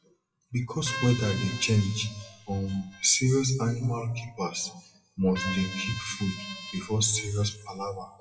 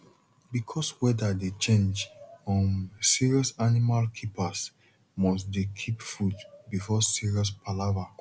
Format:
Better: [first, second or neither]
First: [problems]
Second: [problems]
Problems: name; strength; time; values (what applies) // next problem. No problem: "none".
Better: second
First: noise reduction (classical method WPE with log-MMSE)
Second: none